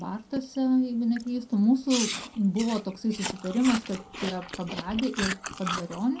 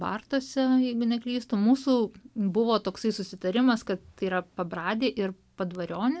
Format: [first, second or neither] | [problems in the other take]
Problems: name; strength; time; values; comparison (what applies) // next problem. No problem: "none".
second | background sound (Chewing, mastication); 10 dB below the speech // room echo; dies away in 0.2 s